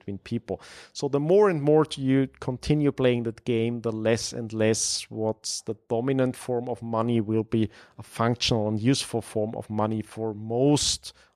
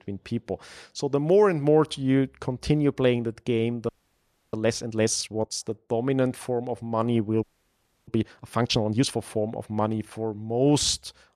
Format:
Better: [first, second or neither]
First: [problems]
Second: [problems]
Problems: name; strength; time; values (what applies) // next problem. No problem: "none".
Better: first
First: none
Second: audio freezing; at 4 s for 0.5 s and at 7.5 s for 0.5 s